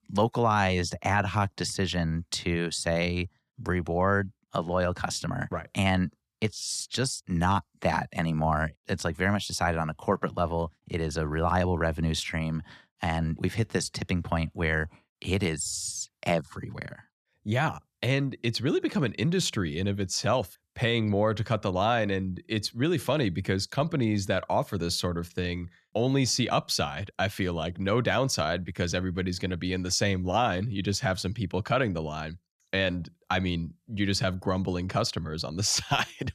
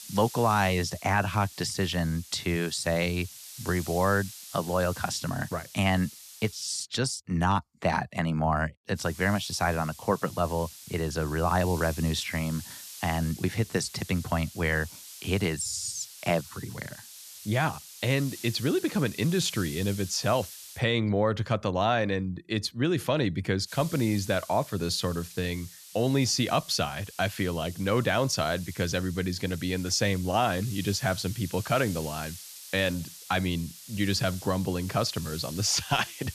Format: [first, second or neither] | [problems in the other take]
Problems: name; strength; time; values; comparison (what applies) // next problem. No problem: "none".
first | hiss; noticeable; until 6.5 s, from 9 to 21 s and from 24 s on; 15 dB below the speech